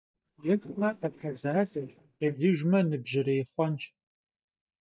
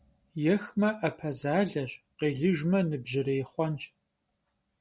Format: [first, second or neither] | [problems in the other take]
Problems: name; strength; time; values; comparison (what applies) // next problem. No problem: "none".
second | noise reduction (neural mask model DeepFilterNet 3)